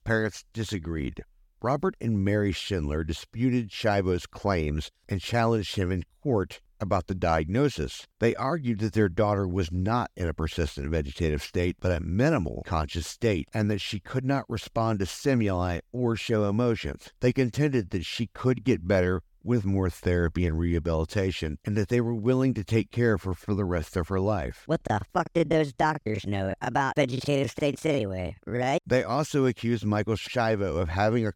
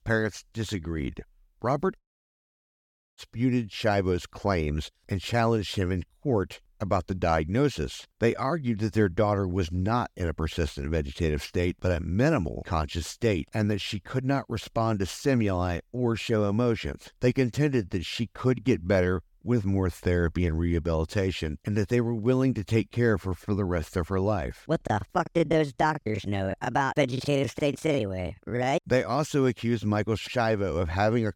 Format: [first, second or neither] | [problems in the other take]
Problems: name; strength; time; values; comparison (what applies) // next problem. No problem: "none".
first | audio cutting out; at 2 s for 1 s